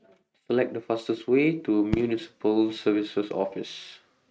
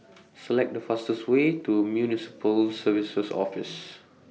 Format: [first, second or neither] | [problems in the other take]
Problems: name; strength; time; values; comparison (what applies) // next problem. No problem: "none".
second | noise reduction (neural mask model RNNoise)